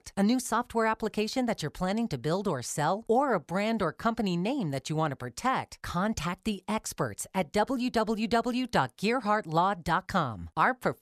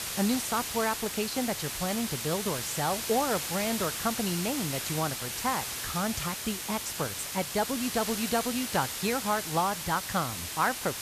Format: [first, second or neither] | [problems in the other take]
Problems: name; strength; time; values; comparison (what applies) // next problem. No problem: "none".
first | hiss; loud; throughout; 2 dB below the speech